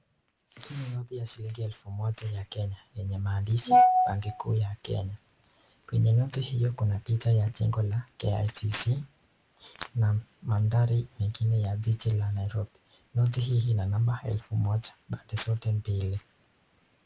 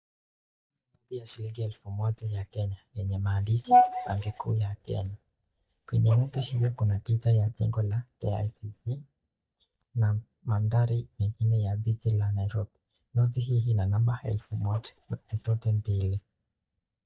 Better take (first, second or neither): first